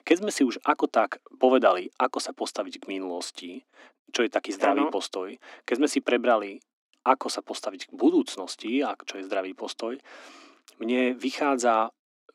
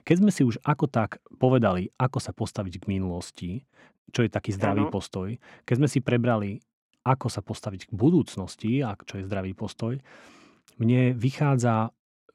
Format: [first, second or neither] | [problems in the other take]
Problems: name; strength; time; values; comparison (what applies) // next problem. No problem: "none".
second | thin; somewhat; fading below 250 Hz